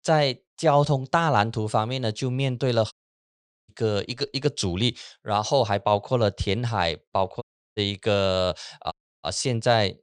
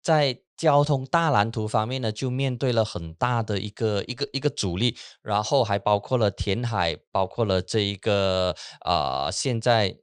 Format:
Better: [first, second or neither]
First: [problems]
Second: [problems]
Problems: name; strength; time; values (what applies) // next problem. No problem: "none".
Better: second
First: audio cutting out; at 3 s for 1 s, at 7.5 s and at 9 s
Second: none